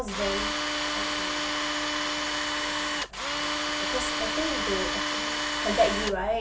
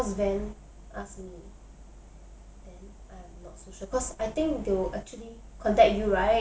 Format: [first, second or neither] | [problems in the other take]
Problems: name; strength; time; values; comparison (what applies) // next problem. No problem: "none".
second | background sound (Tools); 4 dB above the speech